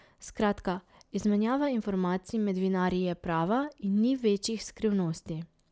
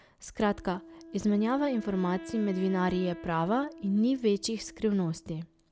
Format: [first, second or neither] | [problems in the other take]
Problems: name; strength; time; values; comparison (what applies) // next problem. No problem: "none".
first | background sound (Wind instrument, woodwind instrument); 17 dB below the speech